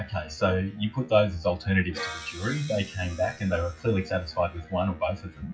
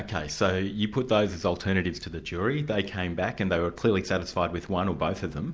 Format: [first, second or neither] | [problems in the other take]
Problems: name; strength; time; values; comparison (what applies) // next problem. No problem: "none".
second | noise reduction (classical method WPE with log-MMSE)